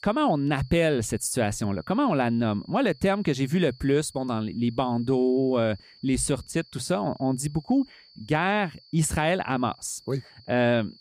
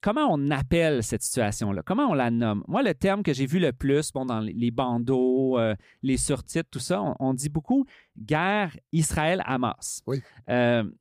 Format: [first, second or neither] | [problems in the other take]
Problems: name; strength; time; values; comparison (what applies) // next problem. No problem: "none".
second | high-pitched whine; faint; throughout; 4.5 kHz, 25 dB below the speech